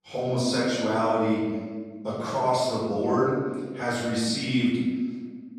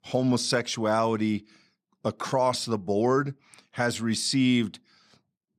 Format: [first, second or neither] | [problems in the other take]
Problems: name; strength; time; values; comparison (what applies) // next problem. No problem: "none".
second | off-mic speech; far // room echo; strong; dies away in 1.4 s